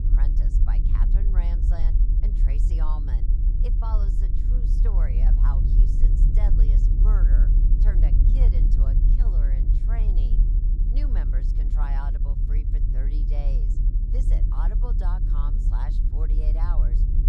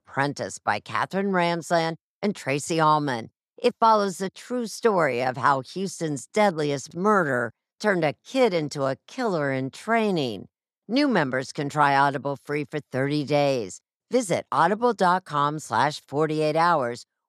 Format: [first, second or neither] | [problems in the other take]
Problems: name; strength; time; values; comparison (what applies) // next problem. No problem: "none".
second | low rumble; loud; throughout; 1 dB below the speech